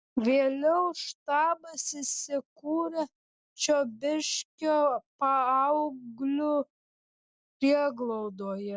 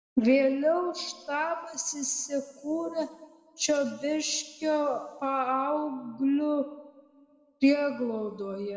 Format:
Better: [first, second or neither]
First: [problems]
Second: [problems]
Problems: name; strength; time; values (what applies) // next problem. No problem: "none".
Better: first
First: none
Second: room echo; dies away in 1.3 s